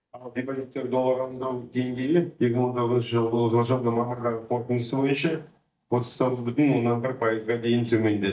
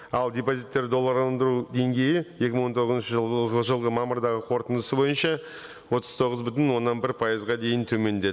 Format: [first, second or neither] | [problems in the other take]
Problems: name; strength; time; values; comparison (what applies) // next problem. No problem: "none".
second | noise reduction (neural mask model DeepFilterNet 3)